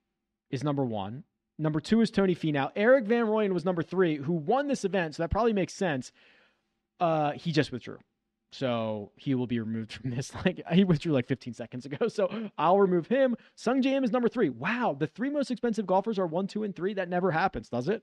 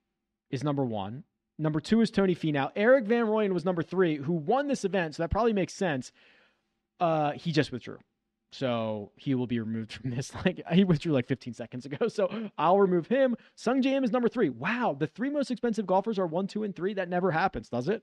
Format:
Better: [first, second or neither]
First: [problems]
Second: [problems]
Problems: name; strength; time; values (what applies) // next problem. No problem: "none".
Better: neither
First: muffled; slightly; fading above 3.5 kHz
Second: muffled; slightly; fading above 3.5 kHz